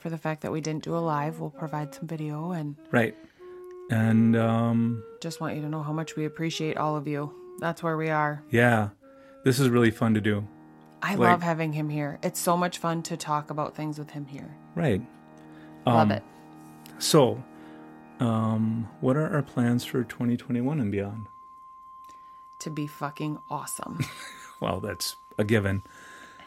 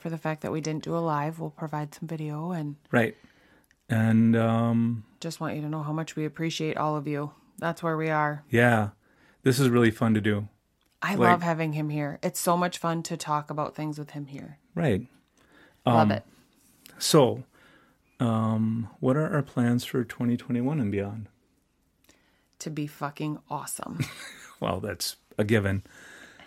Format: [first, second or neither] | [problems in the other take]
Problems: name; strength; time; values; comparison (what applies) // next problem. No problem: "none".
second | background music; faint; throughout; 20 dB below the speech